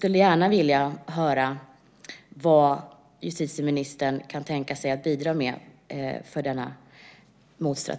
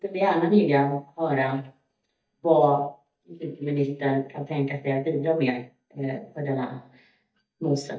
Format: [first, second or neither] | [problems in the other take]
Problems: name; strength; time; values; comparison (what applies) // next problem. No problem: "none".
first | noise reduction (neural mask model DeepFilterNet 3)